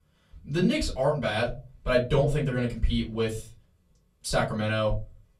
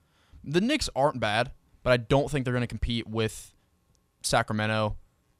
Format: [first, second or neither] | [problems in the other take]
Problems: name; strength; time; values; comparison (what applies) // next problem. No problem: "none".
second | off-mic speech; far // room echo; very slight; dies away in 0.4 s